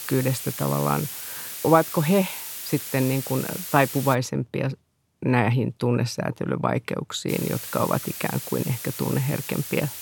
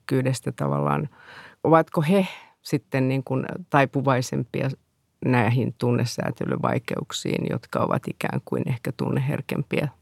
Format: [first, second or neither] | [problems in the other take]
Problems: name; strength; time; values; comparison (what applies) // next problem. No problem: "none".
second | hiss; loud; until 4 s and from 7.5 s on; 8 dB below the speech